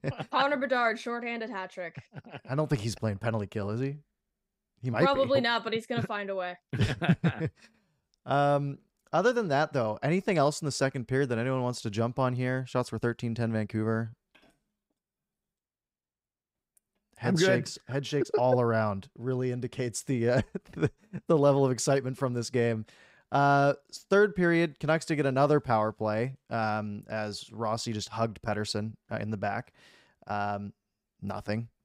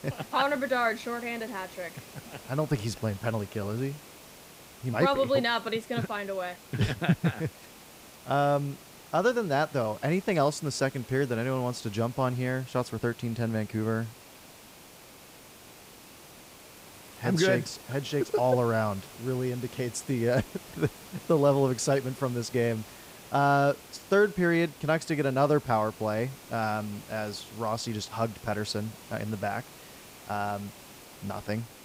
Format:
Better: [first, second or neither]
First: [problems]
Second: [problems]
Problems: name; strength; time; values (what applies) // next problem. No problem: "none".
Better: first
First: none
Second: hiss; noticeable; throughout; 20 dB below the speech